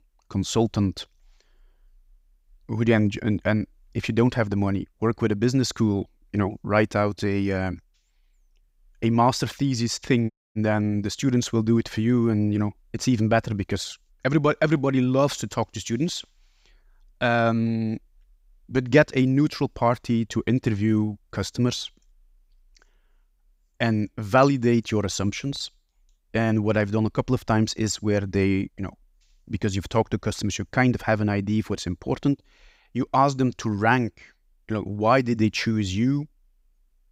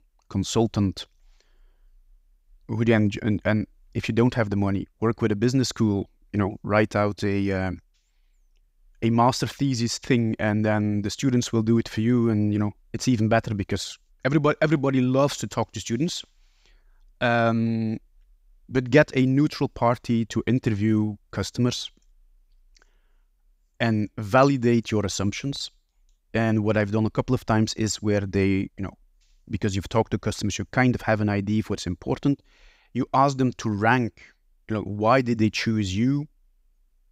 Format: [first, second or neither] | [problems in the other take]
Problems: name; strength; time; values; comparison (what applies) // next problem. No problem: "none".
second | audio cutting out; at 10 s